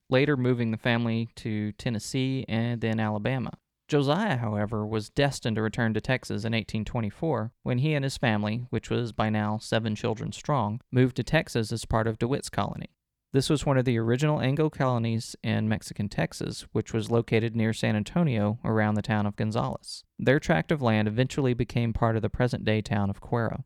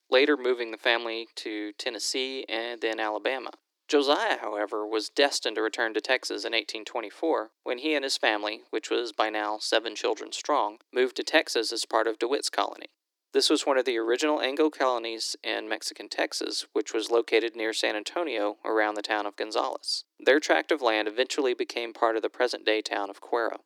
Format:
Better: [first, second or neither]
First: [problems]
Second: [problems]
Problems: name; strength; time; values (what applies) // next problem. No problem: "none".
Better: first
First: none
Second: thin; very; fading below 300 Hz